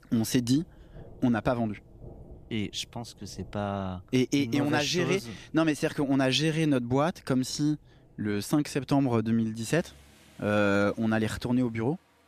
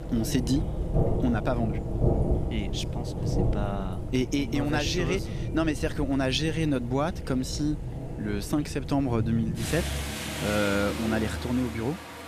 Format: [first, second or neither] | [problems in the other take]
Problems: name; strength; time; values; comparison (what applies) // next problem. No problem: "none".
first | rain or running water; loud; throughout; 3 dB below the speech; faint in the first